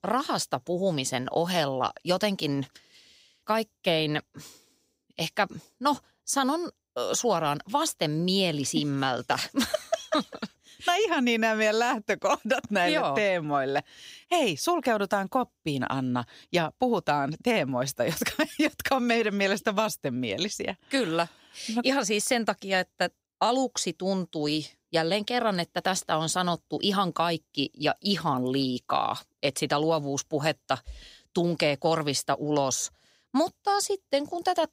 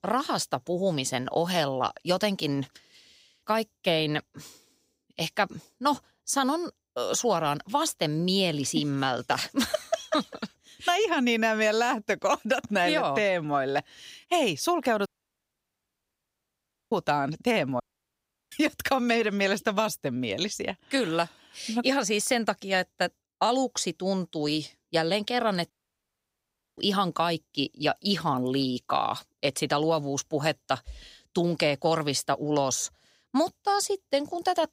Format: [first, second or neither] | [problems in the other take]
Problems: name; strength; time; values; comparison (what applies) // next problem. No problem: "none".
first | audio cutting out; at 15 s for 2 s, at 18 s for 0.5 s and at 26 s for 1 s